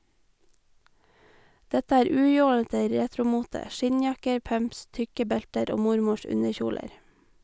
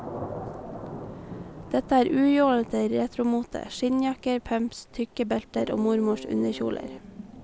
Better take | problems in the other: first | background sound (Thunder / Rain + Keyboard (musical)); 14 dB below the speech

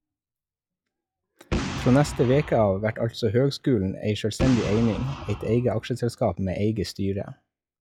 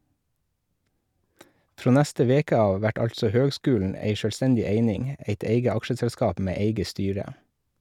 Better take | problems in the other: second | noise reduction (classical method log-MMSE)

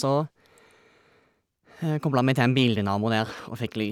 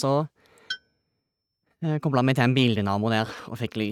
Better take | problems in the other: first | noise reduction (neural mask model RNNoise)

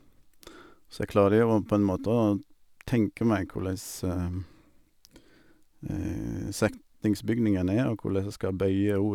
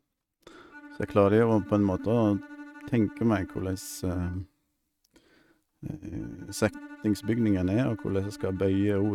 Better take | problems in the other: first | noise reduction (neural mask model RNNoise)

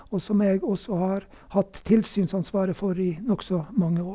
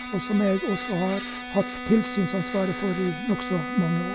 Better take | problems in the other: first | background sound (Bowed string instrument); 7 dB below the speech

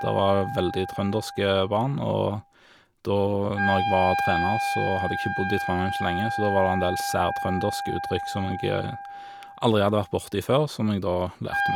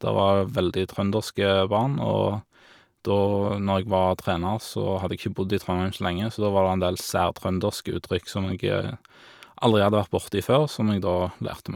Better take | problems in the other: second | background sound (Wind instrument, woodwind instrument); 5 dB below the speech

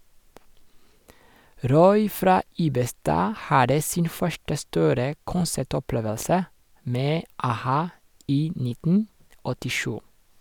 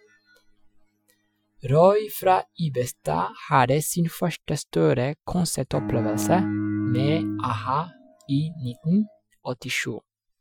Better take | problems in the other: first | noise reduction (classical method Wiener filter)

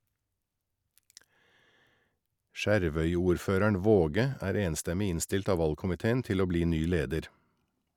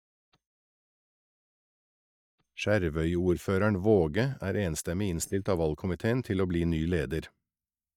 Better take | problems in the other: first | noise reduction (neural mask model DeepFilterNet 3)

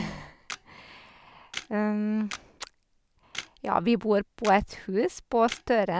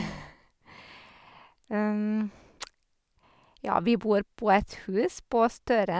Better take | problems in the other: second | background sound (Camera); 16 dB below the speech

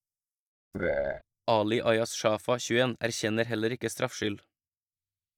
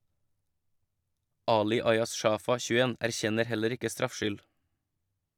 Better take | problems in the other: second | noise reduction (neural mask model DeepFilterNet 3)

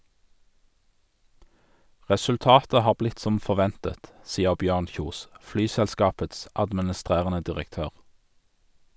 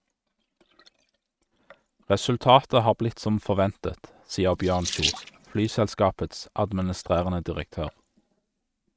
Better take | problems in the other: first | noise reduction (neural mask model RNNoise)

